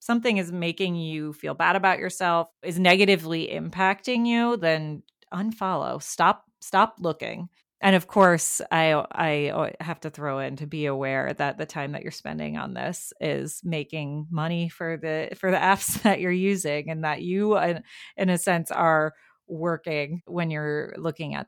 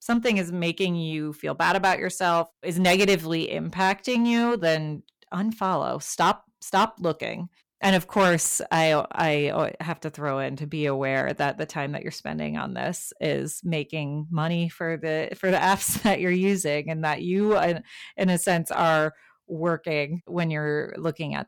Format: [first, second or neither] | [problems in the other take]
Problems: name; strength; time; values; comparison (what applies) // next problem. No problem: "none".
first | distortion; slight; 4% of the sound clipped